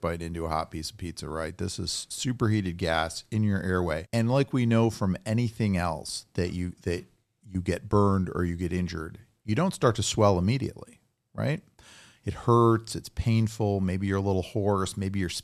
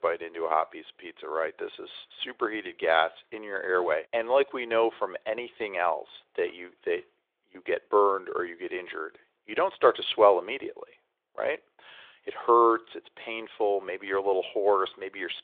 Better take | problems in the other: first | phone-call audio; nothing above 3.5 kHz

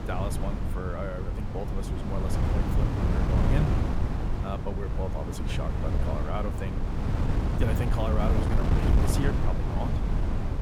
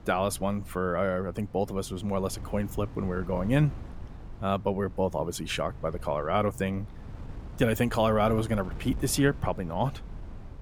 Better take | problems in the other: second | wind noise on the microphone; heavy; 1 dB above the speech; occasional gusts in the second

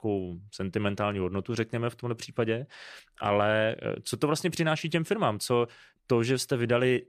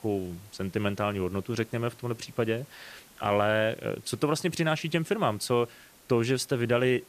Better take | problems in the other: first | hiss; faint; throughout; 25 dB below the speech

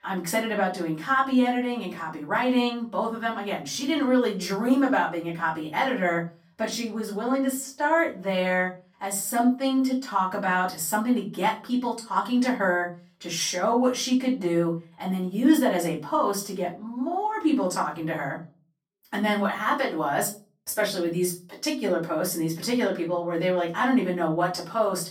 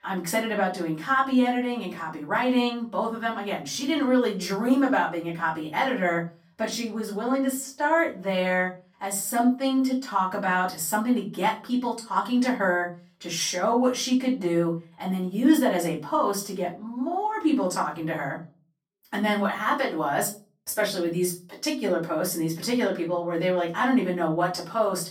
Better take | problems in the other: neither | room echo; slight; dies away in 0.3 s; the same in both // off-mic speech; far; the same in both

